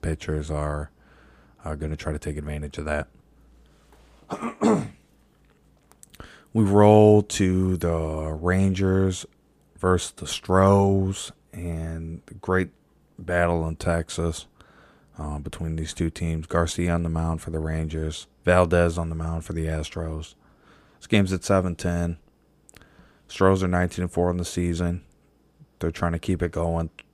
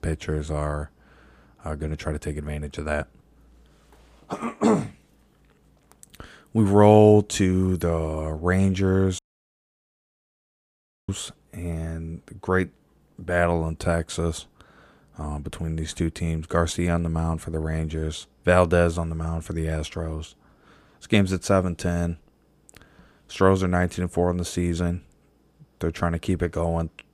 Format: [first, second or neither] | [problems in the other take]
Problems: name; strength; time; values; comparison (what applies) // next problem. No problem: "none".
first | audio cutting out; at 9 s for 2 s